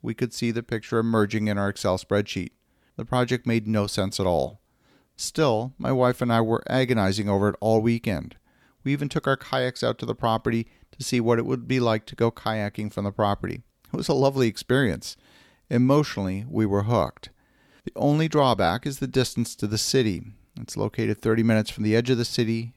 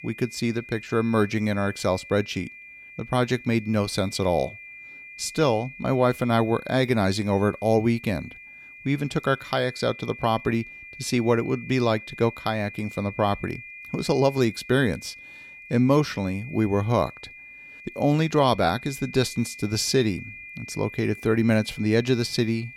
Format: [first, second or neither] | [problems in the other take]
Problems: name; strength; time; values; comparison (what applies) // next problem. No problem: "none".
first | high-pitched whine; noticeable; throughout; 2.5 kHz, 15 dB below the speech